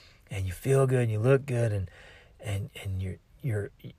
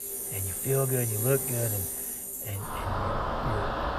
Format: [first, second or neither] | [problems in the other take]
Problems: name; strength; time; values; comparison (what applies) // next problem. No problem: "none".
first | traffic noise; very loud; throughout; 2 dB above the speech